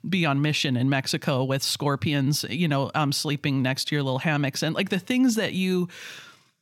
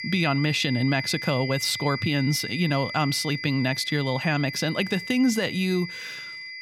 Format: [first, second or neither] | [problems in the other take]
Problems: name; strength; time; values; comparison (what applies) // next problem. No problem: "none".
first | high-pitched whine; loud; throughout; 2 kHz, 8 dB below the speech